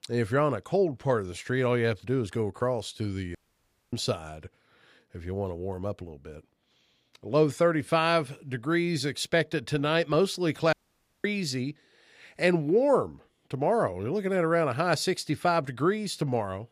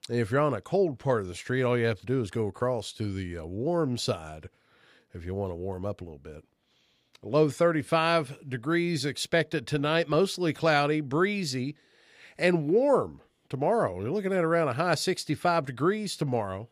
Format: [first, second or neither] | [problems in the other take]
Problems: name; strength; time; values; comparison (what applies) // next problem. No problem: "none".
second | audio cutting out; at 3.5 s for 0.5 s and at 11 s for 0.5 s